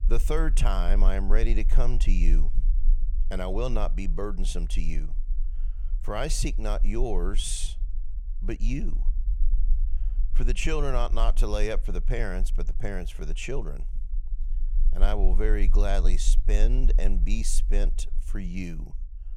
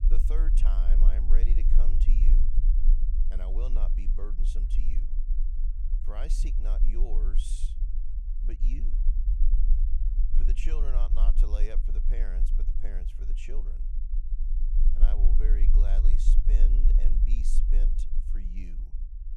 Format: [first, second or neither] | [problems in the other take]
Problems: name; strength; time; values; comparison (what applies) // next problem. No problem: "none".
first | low rumble; loud; throughout; 6 dB below the speech; faint in the first